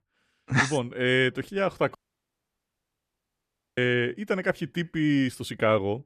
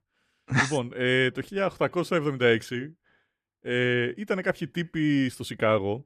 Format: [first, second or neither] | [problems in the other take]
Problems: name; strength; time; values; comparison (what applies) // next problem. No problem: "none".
second | audio cutting out; at 2 s for 2 s